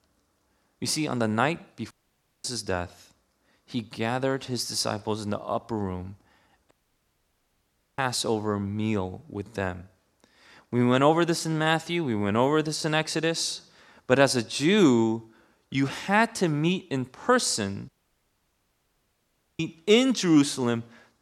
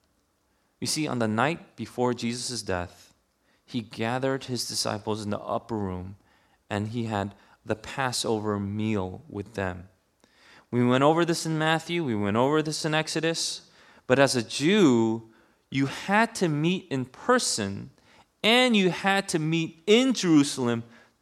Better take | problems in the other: second | audio cutting out; at 2 s for 0.5 s, at 6.5 s for 1.5 s and at 18 s for 1.5 s

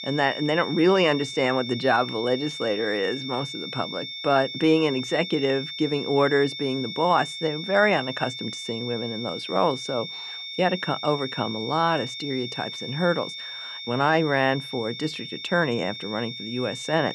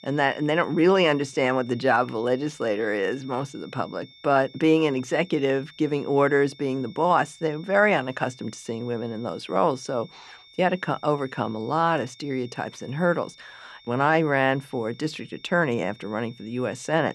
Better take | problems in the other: second | high-pitched whine; loud; throughout; 3.5 kHz, 8 dB below the speech; faint in the second

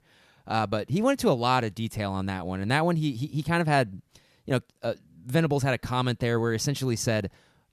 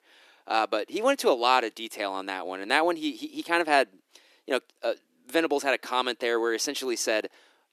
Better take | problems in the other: first | thin; somewhat; fading below 300 Hz

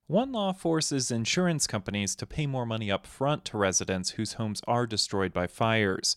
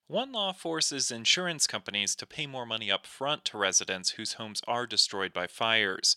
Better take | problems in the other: first | thin; somewhat; fading below 1 kHz

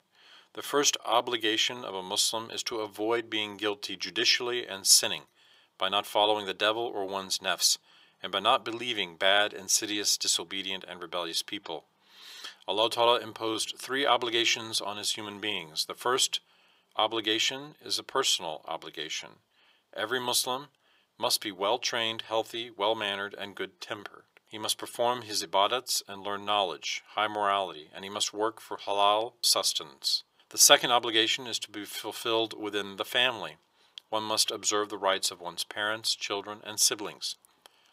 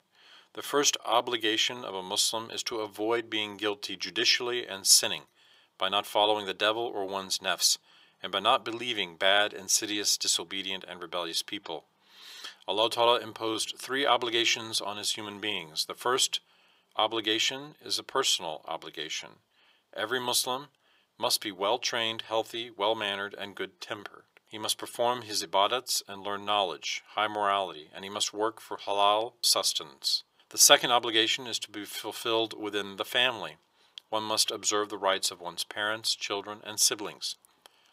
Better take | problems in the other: neither | thin; very; fading below 450 Hz; the same in both

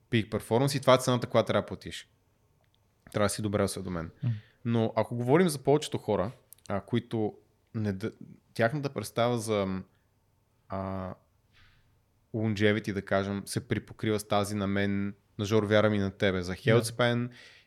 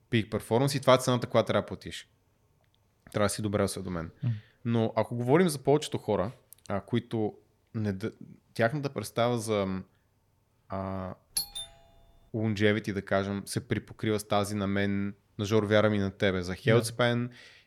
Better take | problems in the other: first | doorbell; noticeable; at 11 s; peak 3 dB below the speech

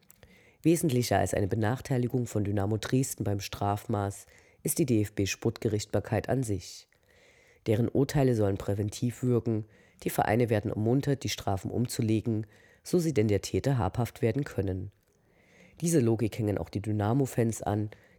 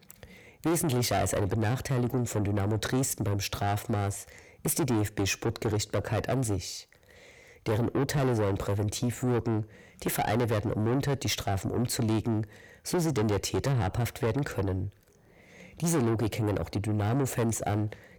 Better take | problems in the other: first | distortion; heavy; 6 dB below the speech

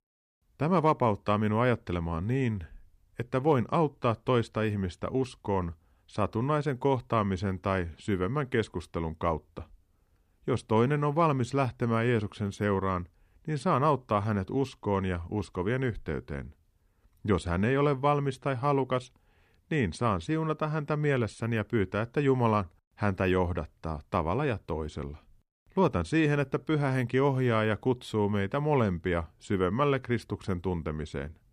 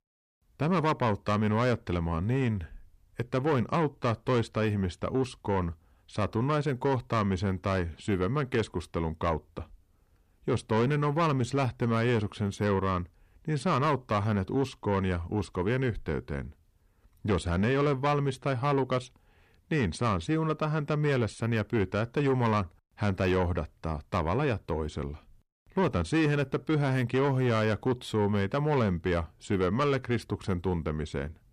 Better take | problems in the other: first | distortion; slight; 10 dB below the speech

